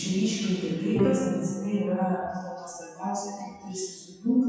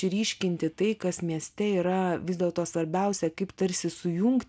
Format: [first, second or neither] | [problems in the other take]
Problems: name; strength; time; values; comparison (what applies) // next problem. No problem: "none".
second | noise reduction (classical method WPE with log-MMSE)